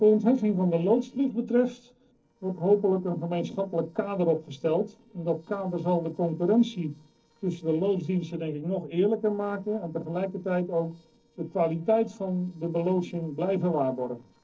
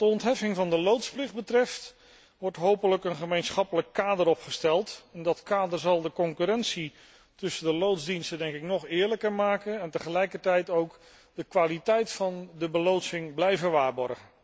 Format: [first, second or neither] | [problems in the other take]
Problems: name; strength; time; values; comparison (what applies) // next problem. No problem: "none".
second | noise reduction (neural separator model SepFormer DNS4)